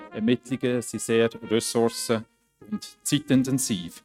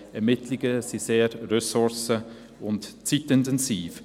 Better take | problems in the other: second | noise reduction (neural mask model RNNoise)

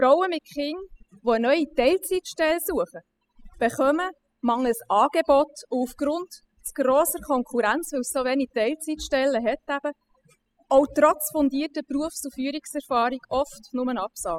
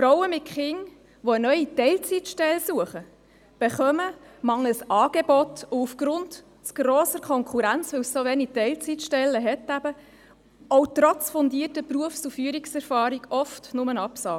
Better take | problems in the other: second | noise reduction (classical method spectral subtraction)

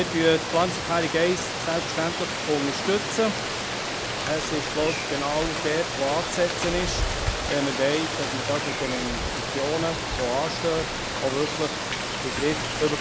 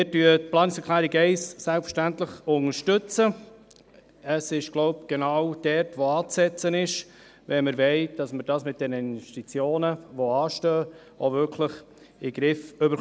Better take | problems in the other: second | background sound (Rain); 2 dB below the speech

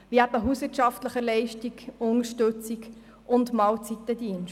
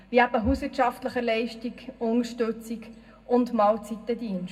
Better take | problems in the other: first | room echo; dies away in 0.3 s

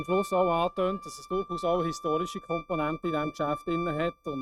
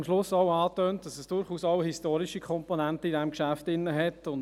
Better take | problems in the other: second | noise reduction (neural mask model RNNoise)

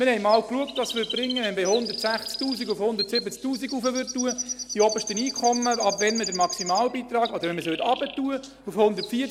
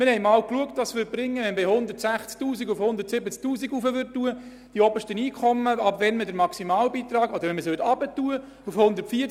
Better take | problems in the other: second | background sound (Chirp, tweet); 9 dB below the speech

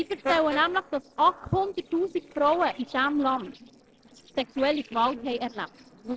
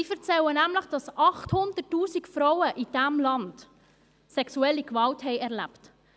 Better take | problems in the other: second | noise reduction (neural separator model SepFormer DNS4)

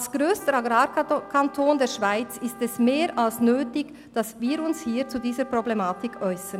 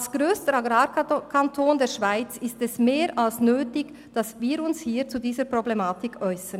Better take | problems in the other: second | background sound (Trumpet); 20 dB below the speech

